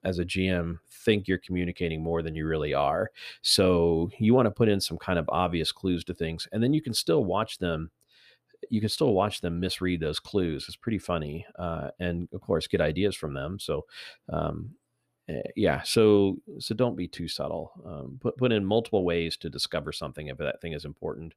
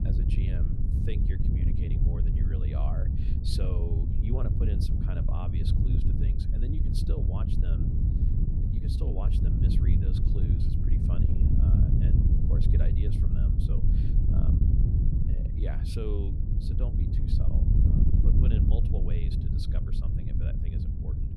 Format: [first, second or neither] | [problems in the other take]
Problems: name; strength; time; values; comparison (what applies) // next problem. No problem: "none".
first | wind noise on the microphone; heavy; 4 dB above the speech